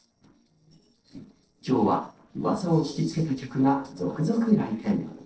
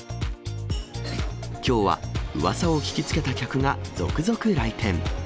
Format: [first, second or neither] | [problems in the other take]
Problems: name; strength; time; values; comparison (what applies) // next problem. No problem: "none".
second | noise reduction (neural separator model SepFormer DNS4)